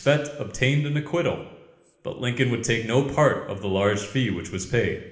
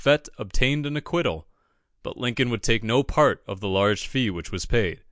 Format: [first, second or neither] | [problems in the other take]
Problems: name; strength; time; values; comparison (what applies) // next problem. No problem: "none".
second | room echo; dies away in 1 s